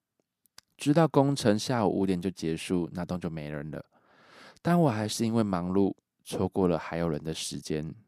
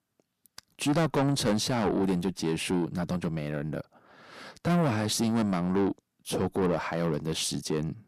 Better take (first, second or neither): first